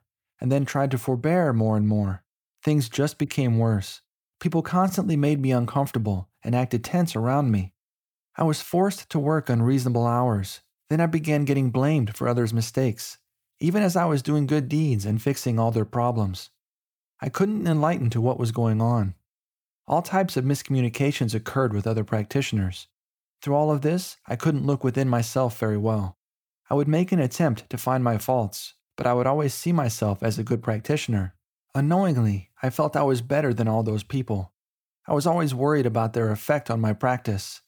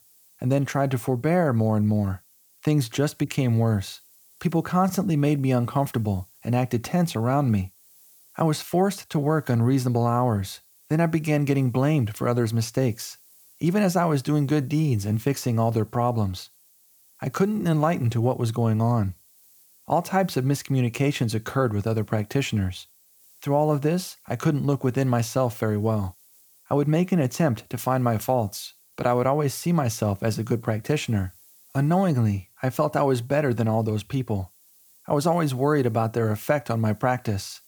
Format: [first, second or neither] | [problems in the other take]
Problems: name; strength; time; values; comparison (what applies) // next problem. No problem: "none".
first | hiss; faint; throughout; 30 dB below the speech